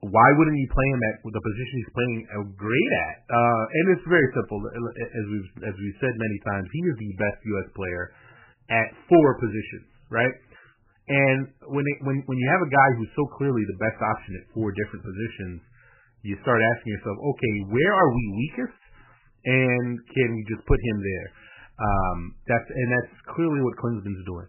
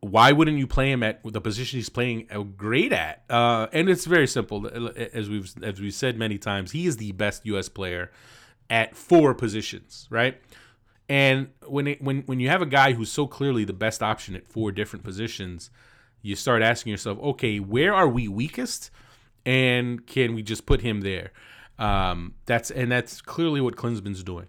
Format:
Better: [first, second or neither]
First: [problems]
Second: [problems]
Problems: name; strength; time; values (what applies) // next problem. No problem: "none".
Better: second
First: garbled, watery; badly; nothing above 3 kHz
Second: none